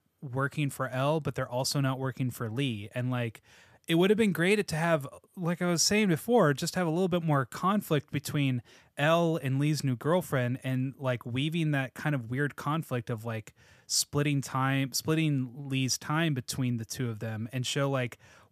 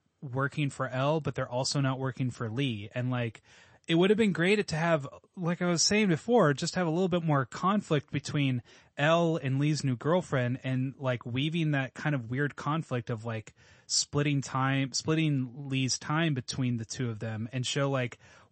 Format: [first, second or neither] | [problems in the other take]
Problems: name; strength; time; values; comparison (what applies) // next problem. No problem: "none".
first | garbled, watery; slightly; nothing above 8 kHz